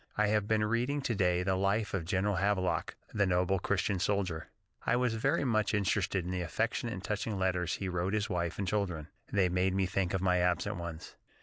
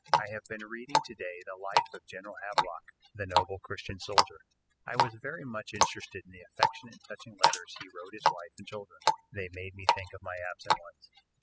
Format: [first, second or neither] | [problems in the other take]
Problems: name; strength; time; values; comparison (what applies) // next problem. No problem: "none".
first | noise reduction (classical method spectral subtraction)